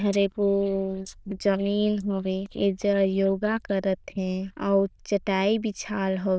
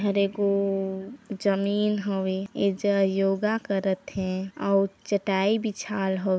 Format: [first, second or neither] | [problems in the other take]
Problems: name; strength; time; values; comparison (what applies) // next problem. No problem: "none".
second | noise reduction (neural diffusion model UNIVERSE++)